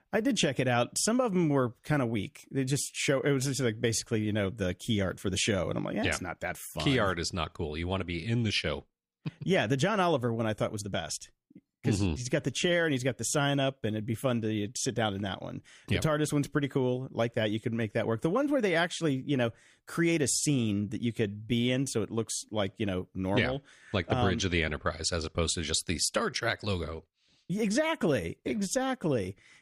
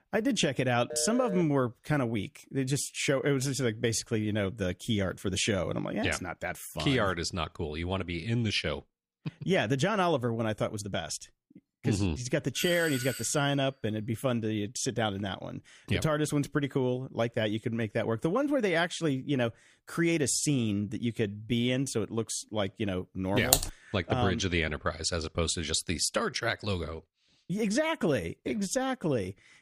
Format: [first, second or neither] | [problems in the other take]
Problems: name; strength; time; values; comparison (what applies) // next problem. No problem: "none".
first | phone ringing; noticeable; at 1 s; peak 6 dB below the speech // doorbell; noticeable; at 13 s; peak 7 dB below the speech // keyboard typing; loud; at 24 s; peak 4 dB above the speech